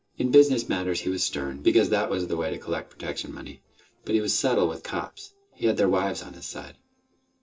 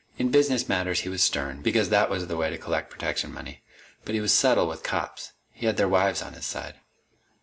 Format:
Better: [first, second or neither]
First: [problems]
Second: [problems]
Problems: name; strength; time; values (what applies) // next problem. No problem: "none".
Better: second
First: noise reduction (neural separator model SepFormer DNS4)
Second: none